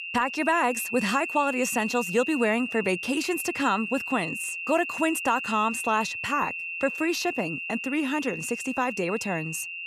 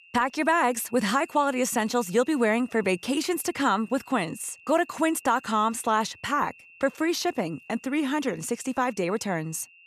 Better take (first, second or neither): second